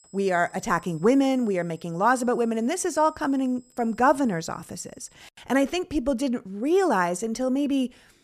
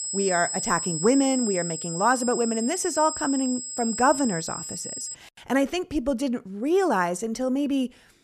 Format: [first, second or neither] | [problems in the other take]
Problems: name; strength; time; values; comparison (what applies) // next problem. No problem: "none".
first | high-pitched whine; loud; until 5 s; 7.5 kHz, 5 dB below the speech; faint in the first